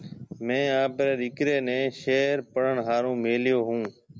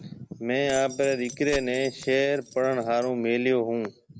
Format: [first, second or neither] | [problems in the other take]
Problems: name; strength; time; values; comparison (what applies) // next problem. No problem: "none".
first | background sound (Keys jangling); 16 dB below the speech